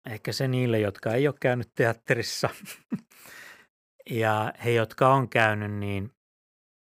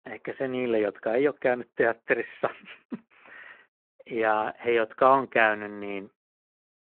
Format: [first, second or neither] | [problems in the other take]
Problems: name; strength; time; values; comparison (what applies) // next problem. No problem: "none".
first | phone-call audio